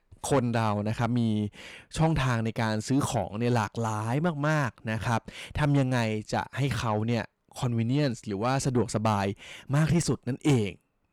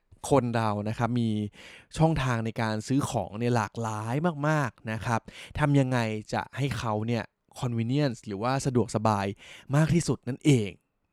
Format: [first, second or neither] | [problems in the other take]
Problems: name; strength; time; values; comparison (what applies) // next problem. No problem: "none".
second | distortion; slight; 10 dB below the speech